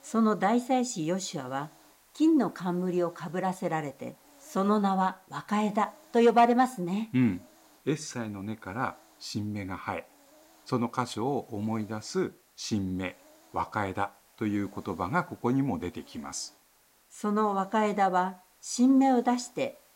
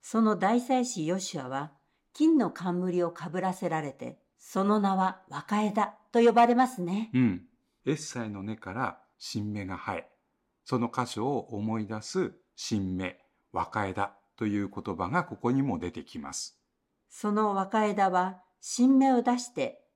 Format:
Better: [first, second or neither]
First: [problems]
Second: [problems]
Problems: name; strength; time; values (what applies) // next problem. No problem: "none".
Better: second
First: hiss; faint; throughout; 30 dB below the speech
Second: none